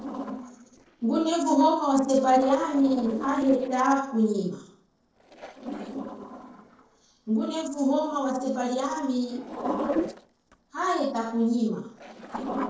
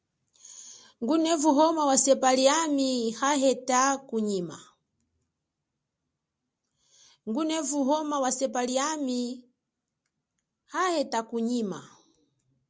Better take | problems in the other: second | noise reduction (neural separator model SepFormer DNS4)

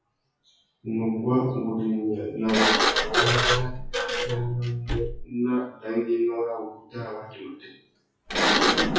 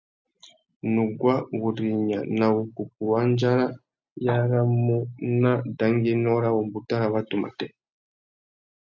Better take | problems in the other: second | noise reduction (classical method WPE with log-MMSE)

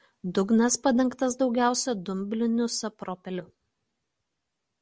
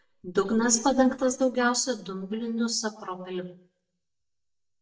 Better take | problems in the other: first | noise reduction (neural mask model DeepFilterNet 3)

